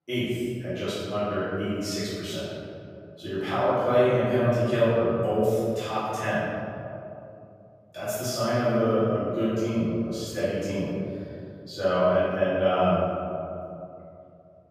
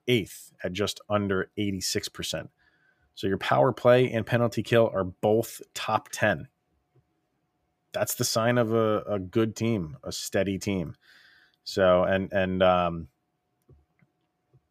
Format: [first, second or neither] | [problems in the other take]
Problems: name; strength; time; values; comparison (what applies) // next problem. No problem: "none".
second | off-mic speech; far // room echo; strong; dies away in 2.5 s